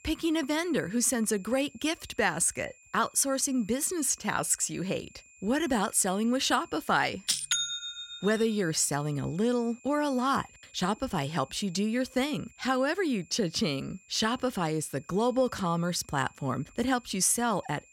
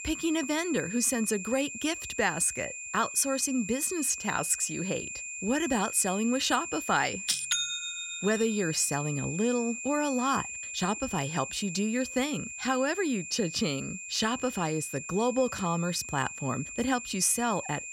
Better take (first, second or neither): first